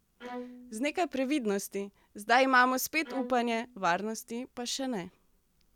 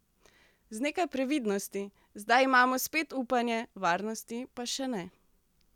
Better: second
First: background sound (Bowed string instrument); 17 dB below the speech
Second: none

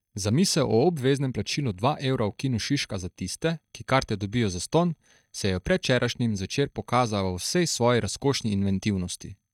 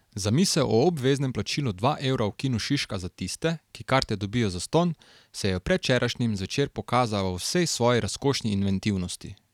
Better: second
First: noise reduction (neural mask model DeepFilterNet 3)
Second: none

